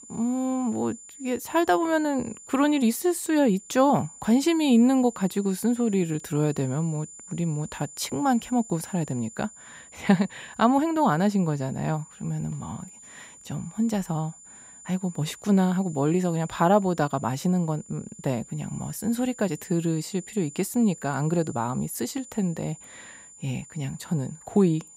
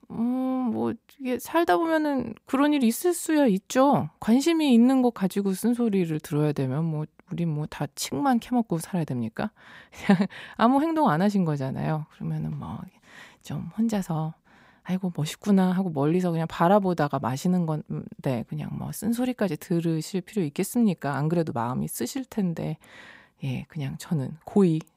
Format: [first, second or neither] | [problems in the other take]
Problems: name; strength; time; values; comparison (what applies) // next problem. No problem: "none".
second | high-pitched whine; noticeable; throughout; 7 kHz, 20 dB below the speech